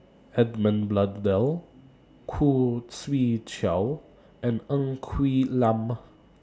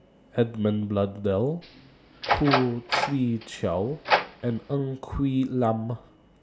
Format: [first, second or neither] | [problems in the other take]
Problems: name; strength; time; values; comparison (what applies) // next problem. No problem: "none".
first | background sound (Door); 2 dB below the speech